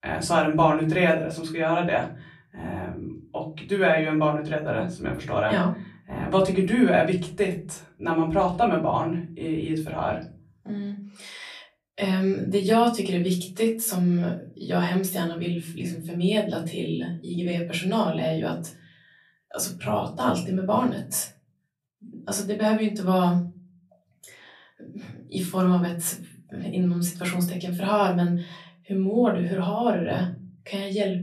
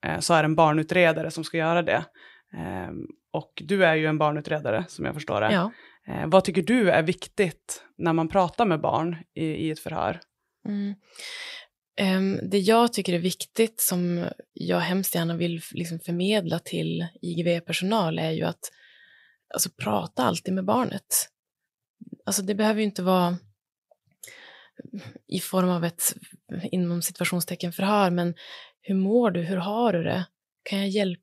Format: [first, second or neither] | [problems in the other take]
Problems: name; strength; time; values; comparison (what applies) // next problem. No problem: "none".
second | room echo; slight; dies away in 0.5 s // off-mic speech; far